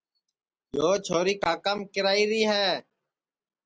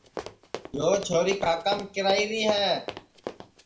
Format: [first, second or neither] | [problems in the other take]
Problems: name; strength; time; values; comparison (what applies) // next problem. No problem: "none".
first | background sound (Run); 11 dB below the speech // room echo; dies away in 0.3 s